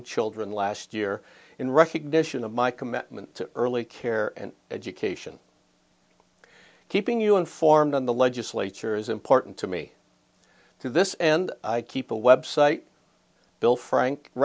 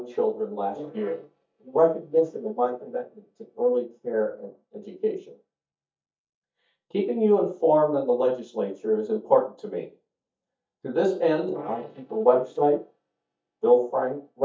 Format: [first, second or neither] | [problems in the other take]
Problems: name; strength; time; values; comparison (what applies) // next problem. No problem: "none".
first | noise reduction (neural mask model DeepFilterNet 3)